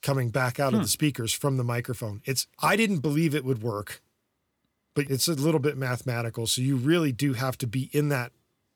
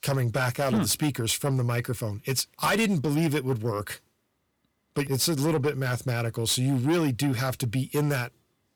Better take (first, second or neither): first